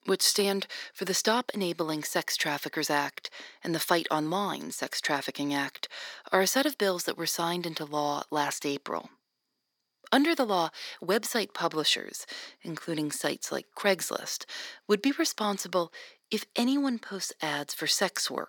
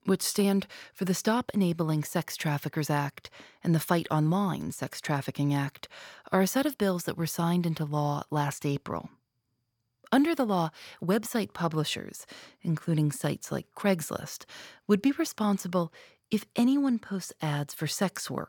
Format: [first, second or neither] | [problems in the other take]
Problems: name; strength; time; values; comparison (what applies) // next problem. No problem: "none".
second | thin; somewhat; fading below 300 Hz